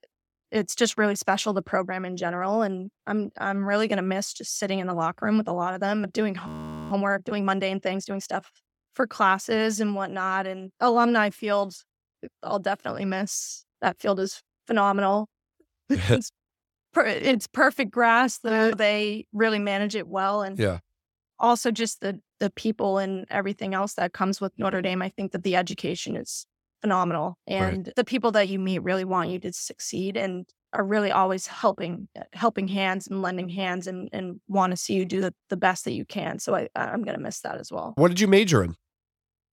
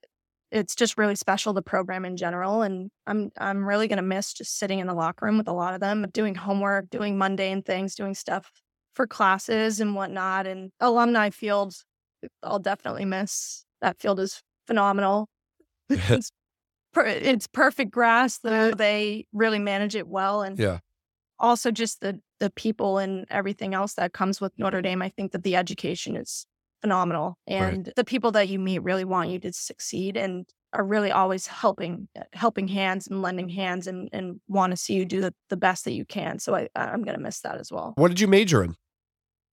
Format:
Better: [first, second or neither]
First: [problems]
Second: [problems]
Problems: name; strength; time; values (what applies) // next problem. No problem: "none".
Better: second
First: audio freezing; at 6.5 s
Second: none